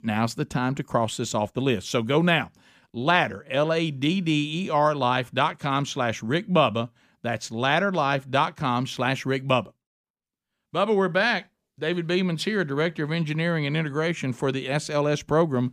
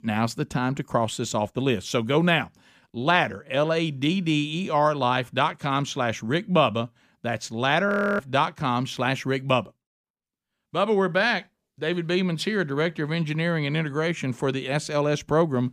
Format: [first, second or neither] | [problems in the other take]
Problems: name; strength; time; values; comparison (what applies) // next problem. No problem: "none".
first | audio freezing; at 8 s